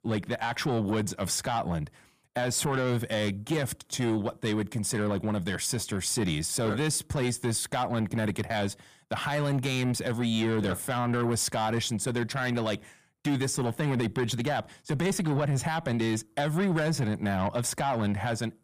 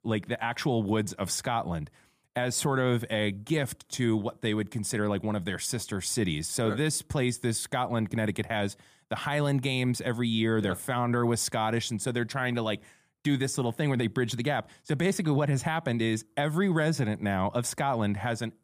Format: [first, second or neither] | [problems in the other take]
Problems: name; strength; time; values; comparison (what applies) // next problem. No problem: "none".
second | distortion; slight; 10 dB below the speech